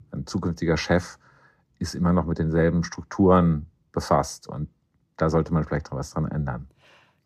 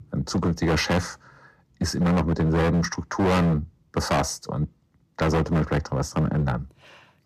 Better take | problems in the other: first | distortion; heavy; 16% of the sound clipped

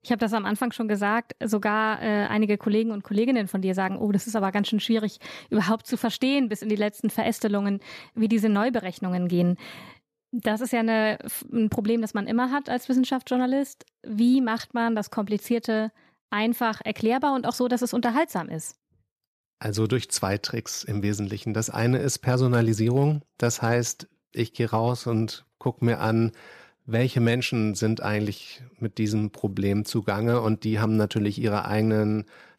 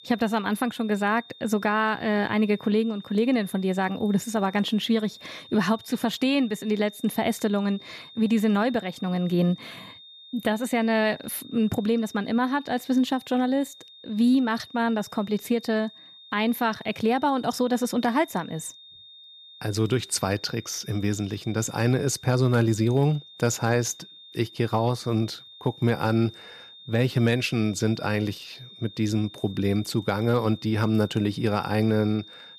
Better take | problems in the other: first | high-pitched whine; noticeable; throughout; 3.5 kHz, 20 dB below the speech

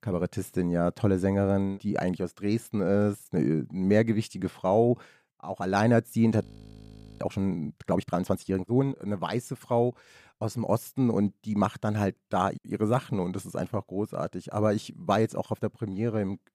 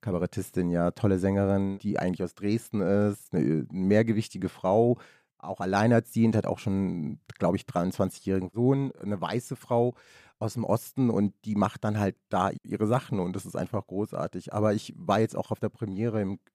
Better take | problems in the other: second | audio freezing; at 6.5 s for 1 s

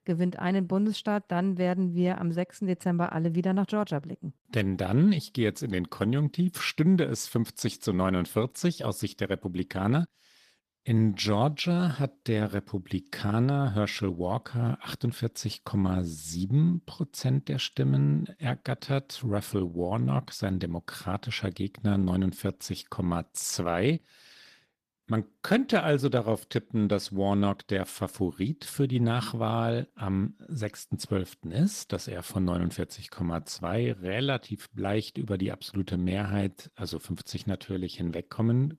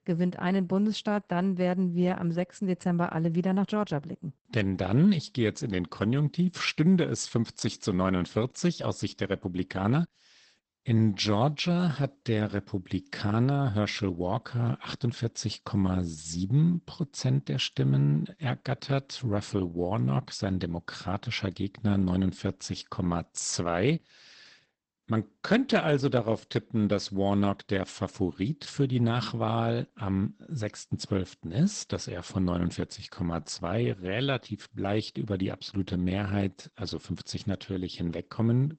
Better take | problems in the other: first | garbled, watery; badly; nothing above 8 kHz; slightly in the first

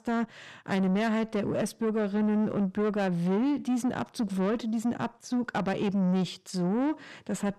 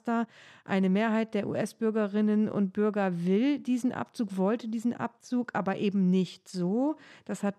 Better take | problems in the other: second | distortion; slight; 10 dB below the speech

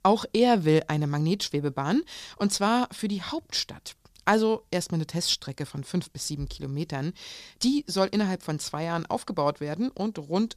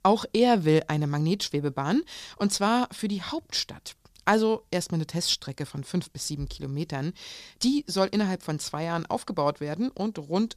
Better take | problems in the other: neither | none

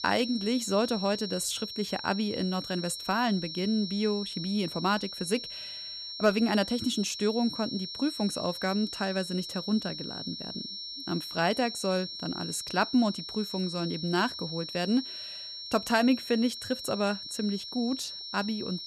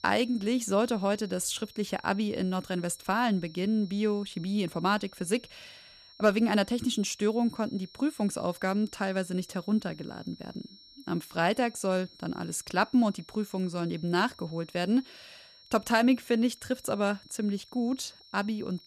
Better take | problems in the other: second | high-pitched whine; loud; throughout; 5.5 kHz, 7 dB below the speech; faint in the second

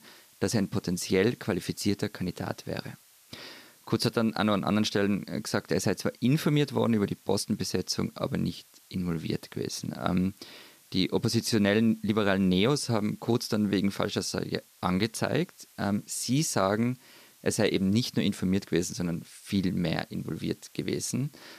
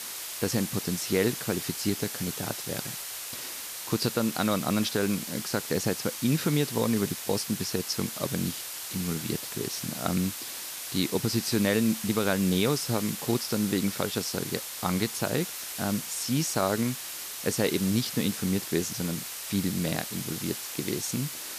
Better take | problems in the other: first | hiss; loud; throughout; 5 dB below the speech; faint in the first

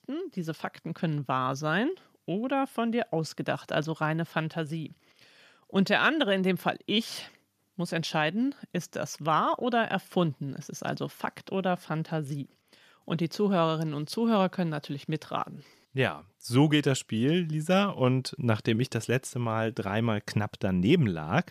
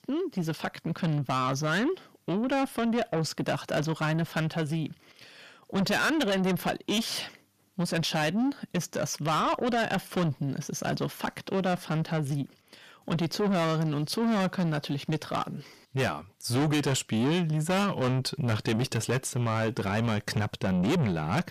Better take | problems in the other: first | distortion; heavy; 6 dB below the speech

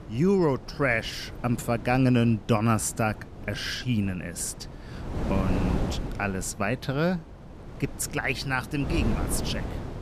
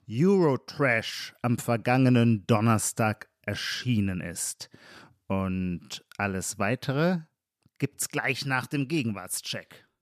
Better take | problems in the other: second | wind noise on the microphone; occasional gusts; 10 dB below the speech

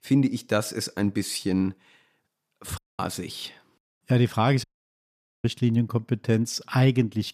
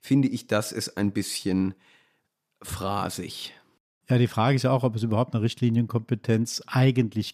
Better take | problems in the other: second | audio cutting out; at 3 s and at 4.5 s for 1 s

